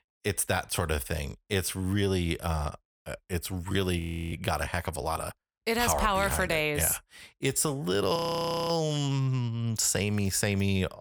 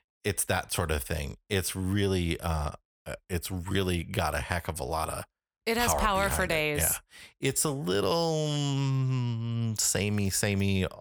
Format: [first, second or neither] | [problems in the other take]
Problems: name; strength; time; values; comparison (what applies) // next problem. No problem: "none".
second | audio freezing; at 4 s and at 8 s for 0.5 s